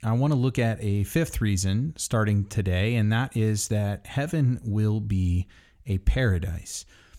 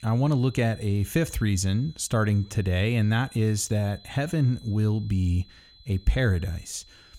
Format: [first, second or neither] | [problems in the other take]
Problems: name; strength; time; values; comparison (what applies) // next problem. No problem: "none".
first | high-pitched whine; faint; throughout; 4 kHz, 25 dB below the speech